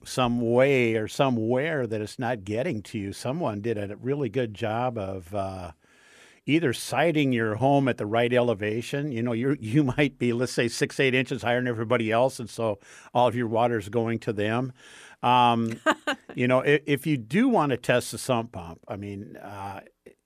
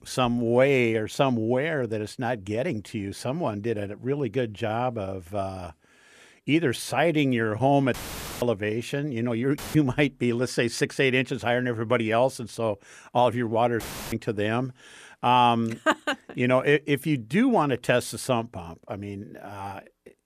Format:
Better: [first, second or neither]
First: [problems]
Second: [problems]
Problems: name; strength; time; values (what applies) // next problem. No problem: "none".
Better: first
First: none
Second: audio cutting out; filled with static; at 8 s, at 9.5 s and at 14 s